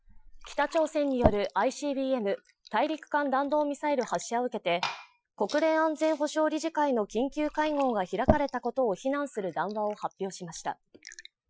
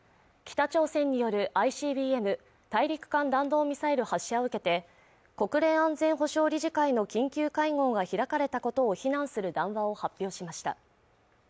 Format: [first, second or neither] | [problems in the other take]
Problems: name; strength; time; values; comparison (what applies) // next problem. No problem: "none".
second | noise reduction (classical method Wiener filter)